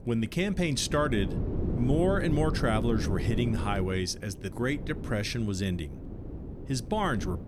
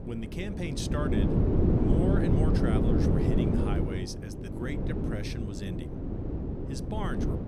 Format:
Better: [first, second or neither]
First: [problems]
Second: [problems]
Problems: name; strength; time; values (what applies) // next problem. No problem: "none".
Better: first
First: wind noise on the microphone; occasional gusts; 10 dB below the speech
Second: wind noise on the microphone; heavy; 4 dB above the speech